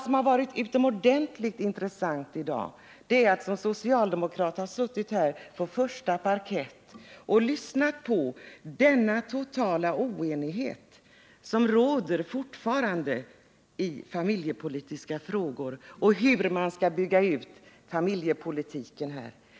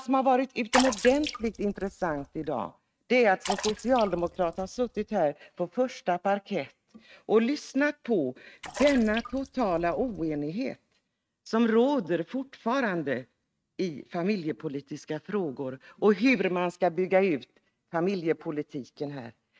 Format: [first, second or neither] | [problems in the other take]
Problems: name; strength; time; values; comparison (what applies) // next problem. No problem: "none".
first | noise reduction (neural mask model RNNoise)